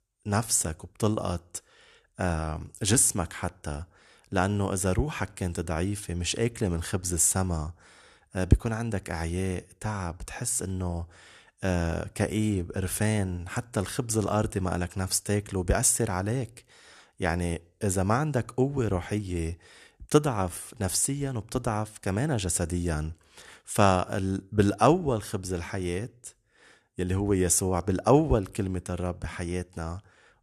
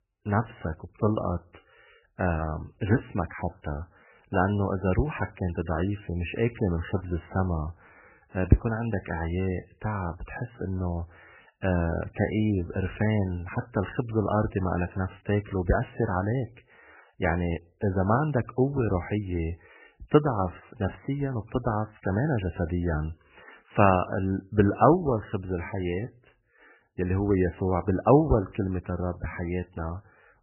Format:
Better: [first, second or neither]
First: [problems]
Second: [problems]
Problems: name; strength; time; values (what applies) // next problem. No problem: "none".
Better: first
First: none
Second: garbled, watery; badly; nothing above 3 kHz